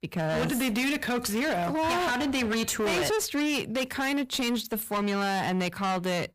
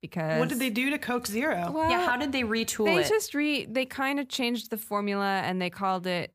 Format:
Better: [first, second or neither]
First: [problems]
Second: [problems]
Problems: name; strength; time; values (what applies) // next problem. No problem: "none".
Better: second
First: distortion; heavy; 35% of the sound clipped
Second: none